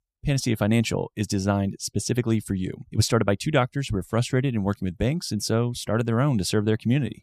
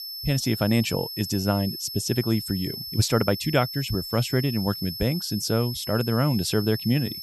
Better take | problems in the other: first | high-pitched whine; loud; throughout; 5.5 kHz, 7 dB below the speech

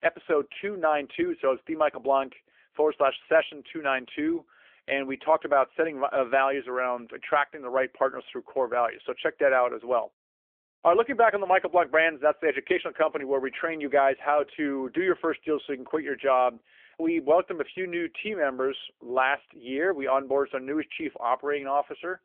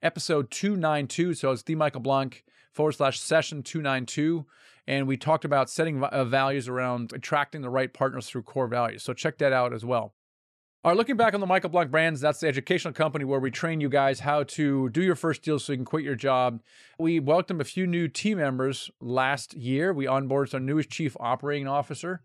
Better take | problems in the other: second | phone-call audio; nothing above 3.5 kHz

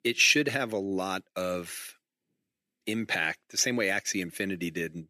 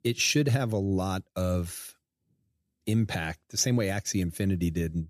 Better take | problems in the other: second | thin; somewhat; fading below 300 Hz

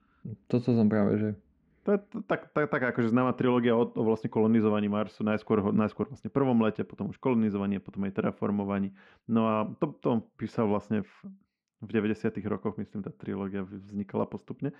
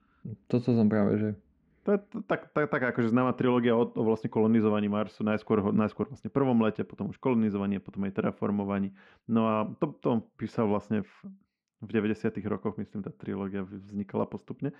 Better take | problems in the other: neither | muffled; slightly; fading above 2.5 kHz; the same in both

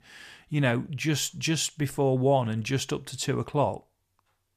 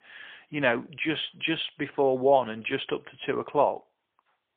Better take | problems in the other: first | phone-call audio; poor line; nothing above 3.5 kHz

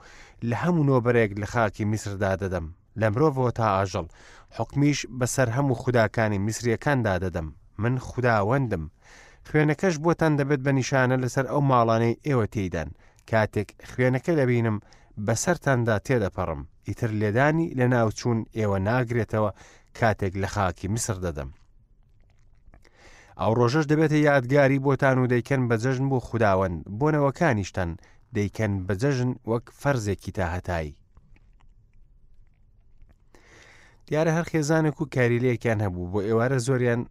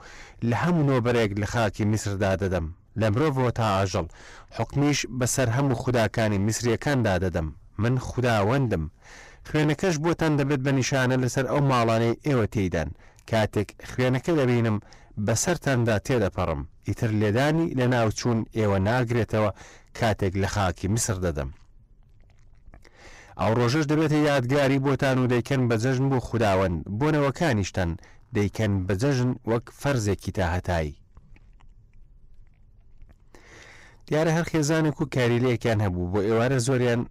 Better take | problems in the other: first | distortion; heavy; 16% of the sound clipped

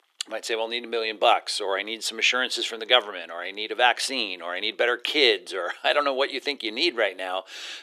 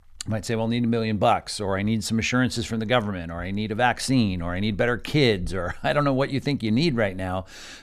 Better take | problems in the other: second | thin; very; fading below 350 Hz

